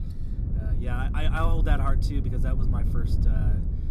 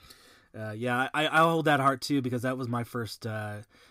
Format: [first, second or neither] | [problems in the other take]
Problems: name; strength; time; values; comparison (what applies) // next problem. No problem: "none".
second | low rumble; loud; throughout; 7 dB below the speech